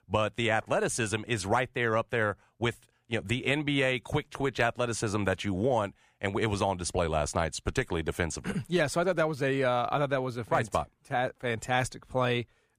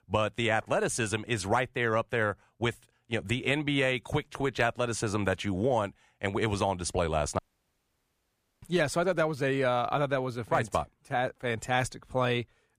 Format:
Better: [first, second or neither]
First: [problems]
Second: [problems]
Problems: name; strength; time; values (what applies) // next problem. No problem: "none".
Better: first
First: none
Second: audio cutting out; at 7.5 s for 1 s